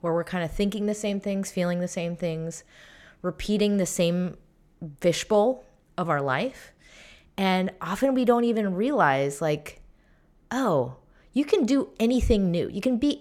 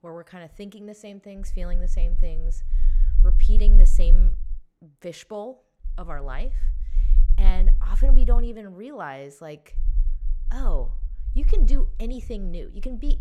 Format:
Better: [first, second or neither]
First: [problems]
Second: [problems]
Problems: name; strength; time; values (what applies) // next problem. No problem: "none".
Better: first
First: none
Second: low rumble; noticeable; from 1.5 to 4.5 s, from 6 to 8.5 s and from 10 s on; 15 dB below the speech